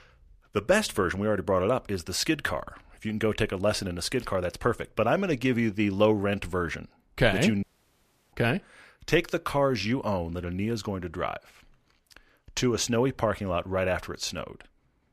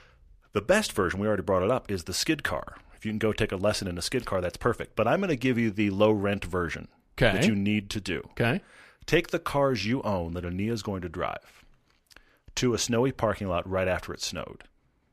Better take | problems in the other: second | audio cutting out; at 7.5 s for 0.5 s

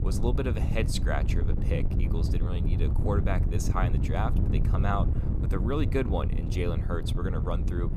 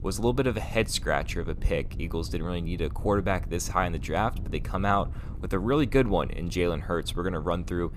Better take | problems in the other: second | wind noise on the microphone; heavy; 6 dB below the speech; occasional gusts in the second

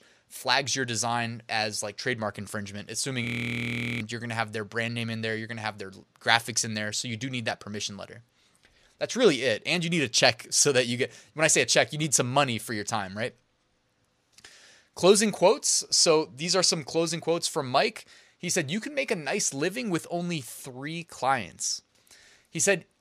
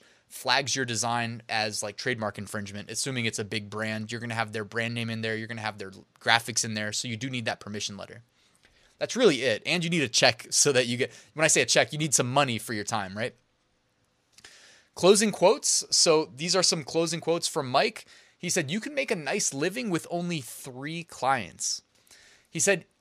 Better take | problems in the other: second | audio freezing; at 3.5 s for 1 s

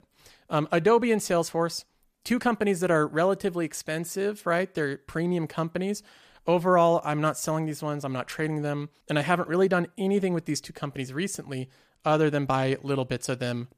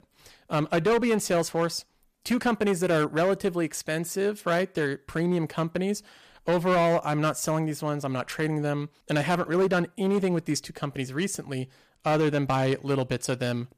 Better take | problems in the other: first | distortion; slight; 7% of the sound clipped

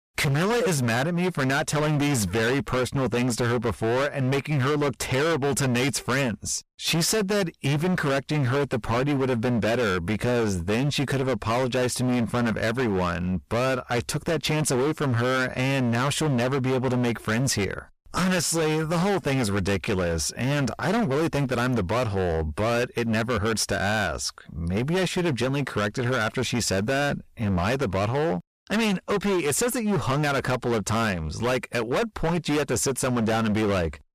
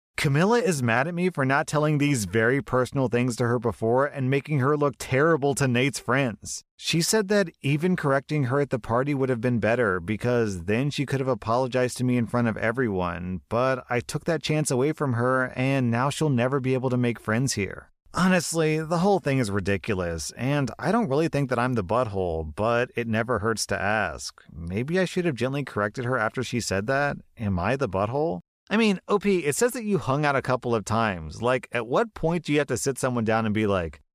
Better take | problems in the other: second | distortion; heavy; 30% of the sound clipped

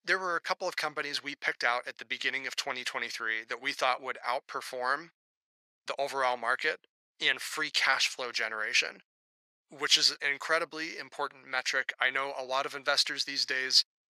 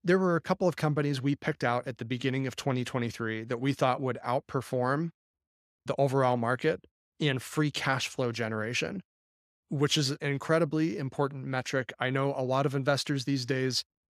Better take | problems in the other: second | thin; very; fading below 800 Hz

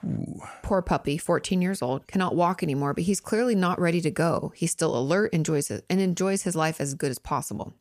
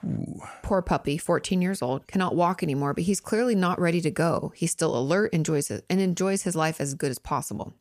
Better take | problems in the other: neither | none

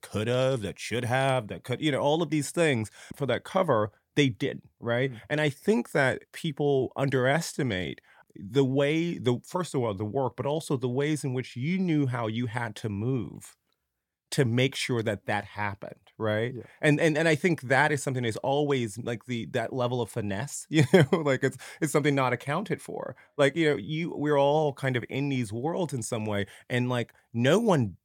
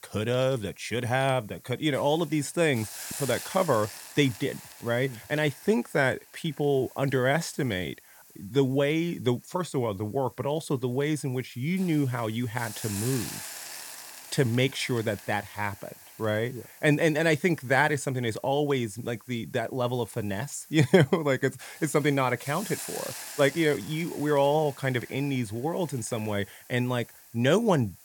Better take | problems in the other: first | hiss; noticeable; throughout; 15 dB below the speech

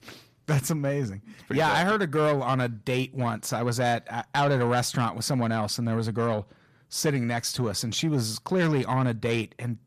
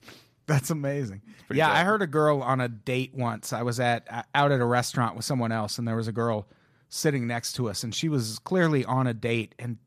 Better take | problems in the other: second | distortion; slight; 10 dB below the speech

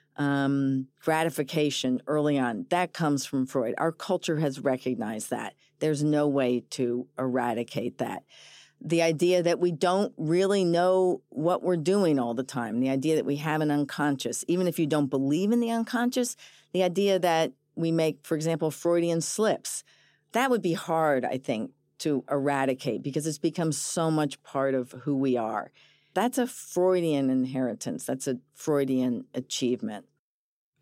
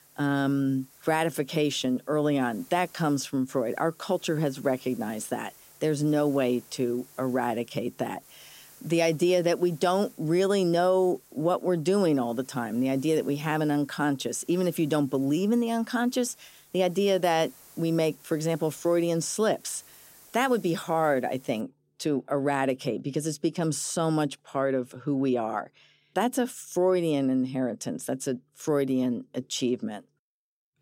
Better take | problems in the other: first | hiss; faint; until 22 s; 25 dB below the speech

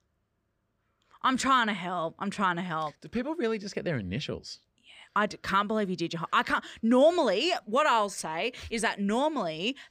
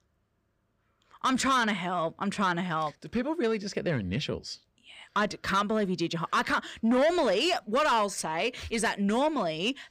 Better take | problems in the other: first | distortion; slight; 10 dB below the speech

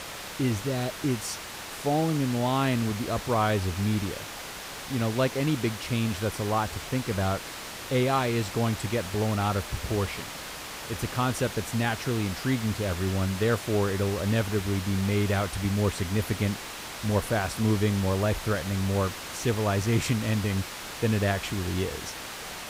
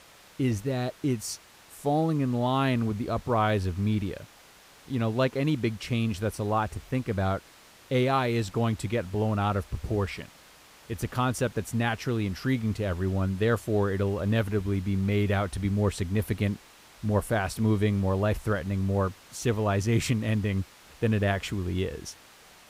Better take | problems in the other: second | hiss; loud; throughout; 8 dB below the speech; faint in the second

